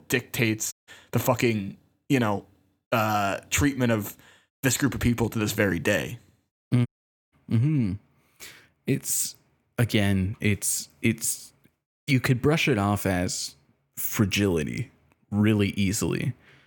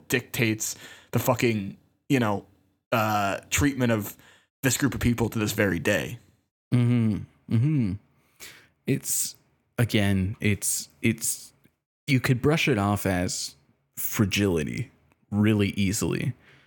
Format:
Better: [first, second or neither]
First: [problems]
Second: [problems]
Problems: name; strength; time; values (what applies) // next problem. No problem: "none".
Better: second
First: audio cutting out; at 0.5 s and at 7 s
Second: none